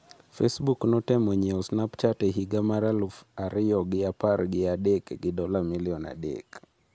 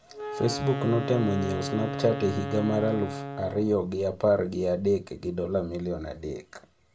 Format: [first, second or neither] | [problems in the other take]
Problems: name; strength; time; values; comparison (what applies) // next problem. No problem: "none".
first | background sound (Wind instrument, woodwind instrument); 9 dB below the speech // room echo; dies away in 0.2 s